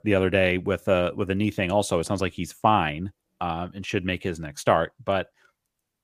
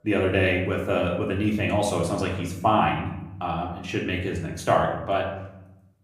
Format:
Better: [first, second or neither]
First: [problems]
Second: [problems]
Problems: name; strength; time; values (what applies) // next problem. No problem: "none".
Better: first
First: none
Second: room echo; noticeable; dies away in 0.8 s // off-mic speech; far